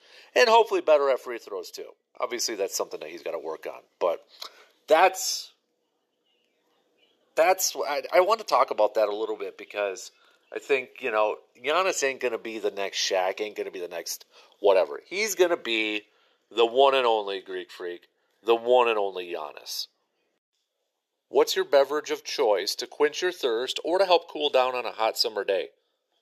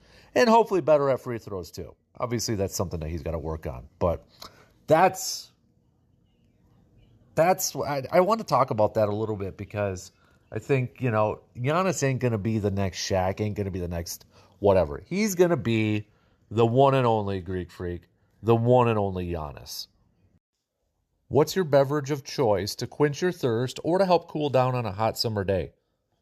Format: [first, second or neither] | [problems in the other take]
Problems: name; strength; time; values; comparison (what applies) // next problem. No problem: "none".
second | thin; very; fading below 400 Hz